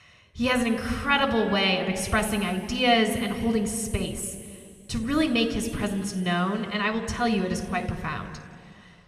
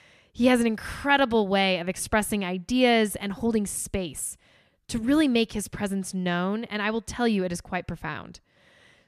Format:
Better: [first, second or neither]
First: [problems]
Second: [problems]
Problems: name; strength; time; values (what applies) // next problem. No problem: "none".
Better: second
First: room echo; slight; dies away in 2.1 s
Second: none